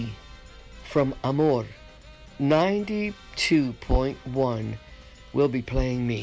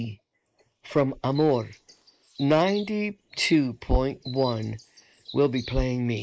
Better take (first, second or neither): first